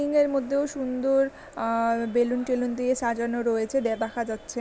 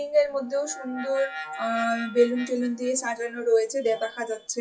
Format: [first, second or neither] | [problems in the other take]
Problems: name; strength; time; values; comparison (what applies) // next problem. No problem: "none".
first | noise reduction (classical method WPE with log-MMSE)